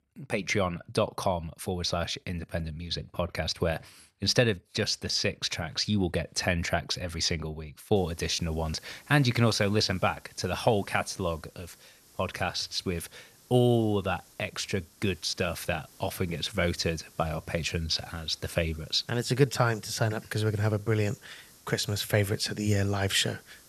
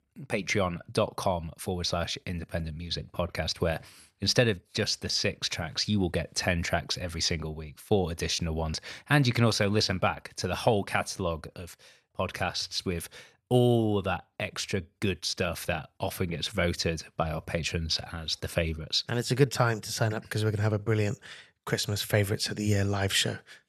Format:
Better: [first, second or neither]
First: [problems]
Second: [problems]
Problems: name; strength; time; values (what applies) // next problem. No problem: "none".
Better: second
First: hiss; faint; from 8 s on; 25 dB below the speech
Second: none